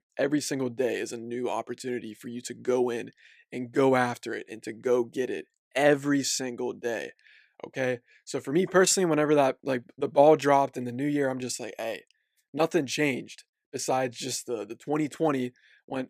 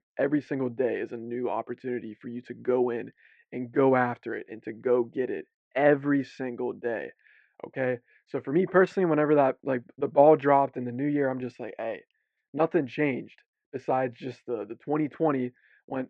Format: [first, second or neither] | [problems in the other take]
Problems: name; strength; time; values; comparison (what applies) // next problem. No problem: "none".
first | muffled; very; fading above 2 kHz